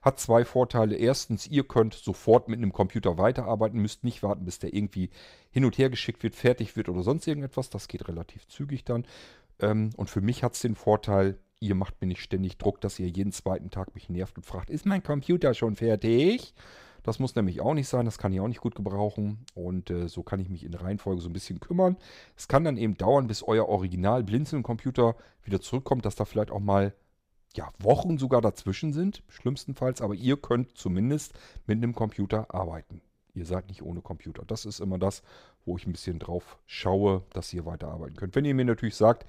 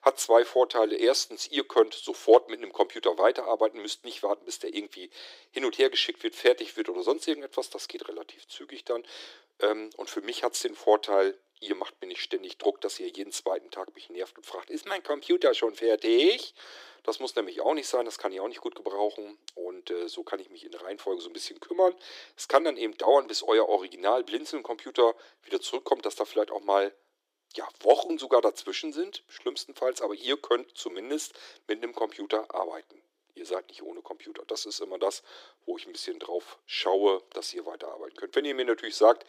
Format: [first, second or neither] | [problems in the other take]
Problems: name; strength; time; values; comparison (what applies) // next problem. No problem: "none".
first | thin; very; fading below 300 Hz